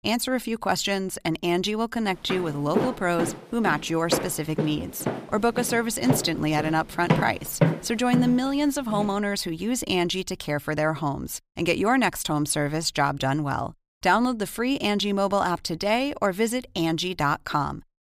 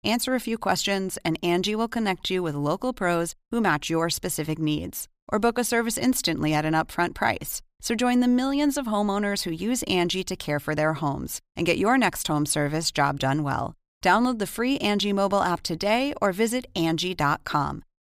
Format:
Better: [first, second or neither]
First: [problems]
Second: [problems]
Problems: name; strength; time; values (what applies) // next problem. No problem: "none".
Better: second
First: footsteps; loud; from 2.5 to 9 s; peak 1 dB above the speech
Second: none